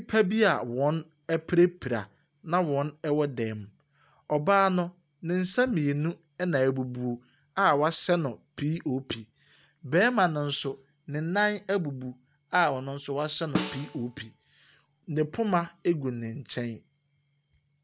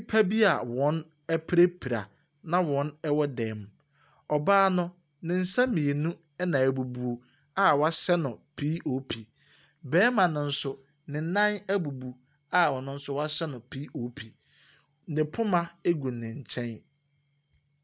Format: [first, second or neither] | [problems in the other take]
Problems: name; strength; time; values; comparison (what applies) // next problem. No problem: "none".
second | background sound (Snare drum); 8 dB below the speech